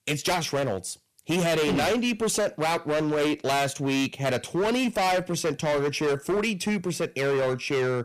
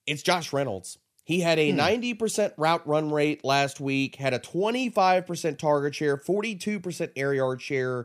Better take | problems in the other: second | distortion; heavy; 24% of the sound clipped

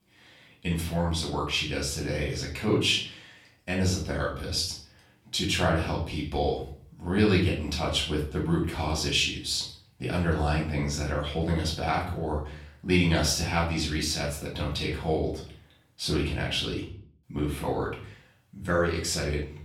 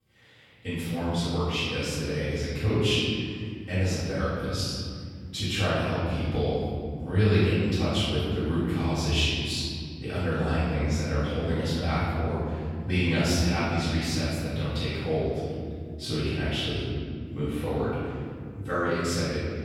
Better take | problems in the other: first | room echo; strong; dies away in 3 s; slight in the first // off-mic speech; far; far in the first

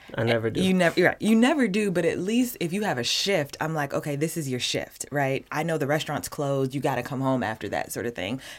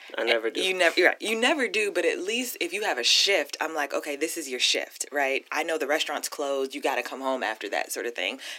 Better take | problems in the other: first | thin; somewhat; fading below 300 Hz

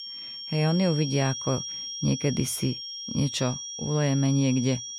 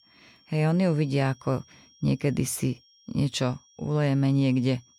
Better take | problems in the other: second | high-pitched whine; loud; throughout; 5.5 kHz, 7 dB below the speech; faint in the second

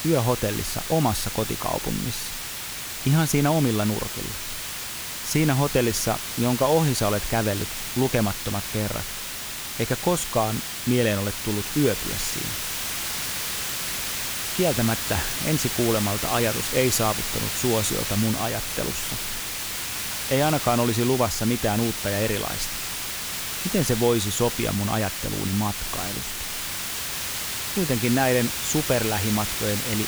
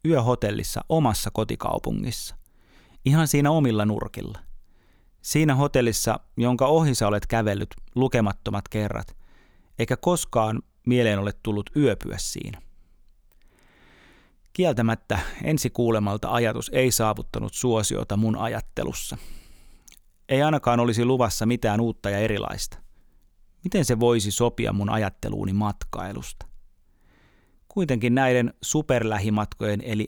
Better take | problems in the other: second | hiss; loud; throughout; 3 dB below the speech

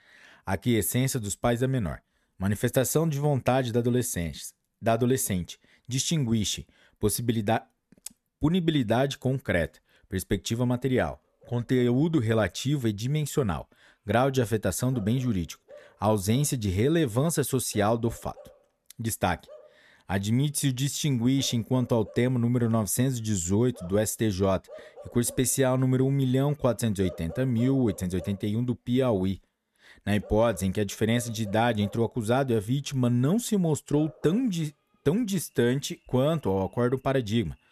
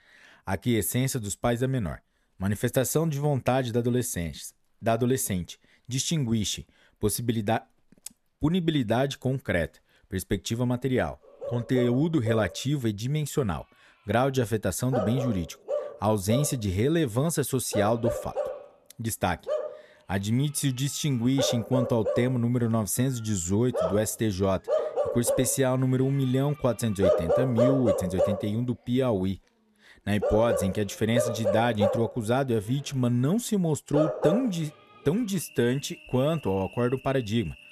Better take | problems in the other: first | animal sounds; loud; throughout; 3 dB below the speech; faint in the first

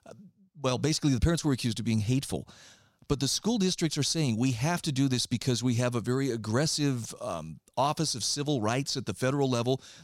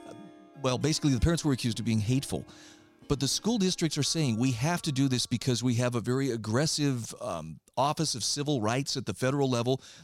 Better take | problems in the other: first | background music; faint; until 5 s; 25 dB below the speech

